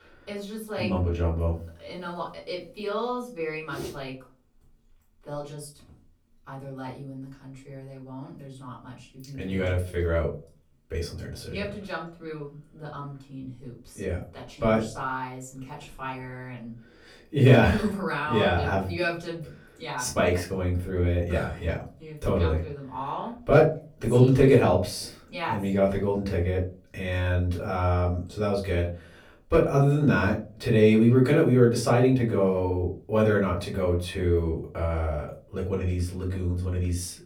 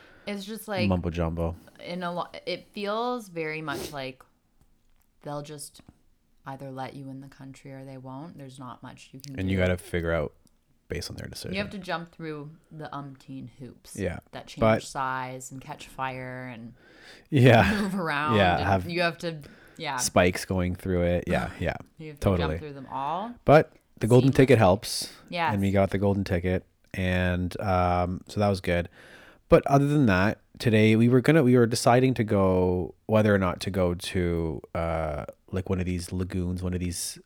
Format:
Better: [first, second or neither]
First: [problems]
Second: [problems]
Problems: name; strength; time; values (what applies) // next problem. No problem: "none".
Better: second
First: off-mic speech; far // room echo; slight; dies away in 0.3 s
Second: none